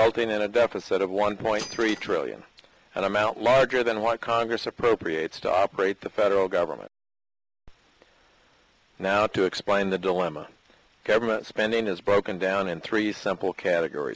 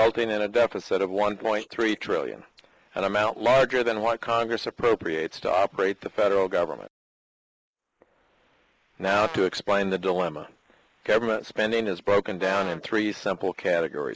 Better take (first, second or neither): first